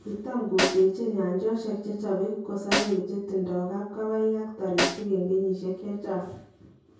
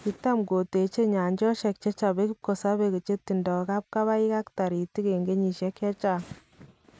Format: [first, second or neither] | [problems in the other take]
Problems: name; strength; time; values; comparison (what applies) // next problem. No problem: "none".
second | background sound (Snare drum); 4 dB below the speech // room echo; dies away in 0.6 s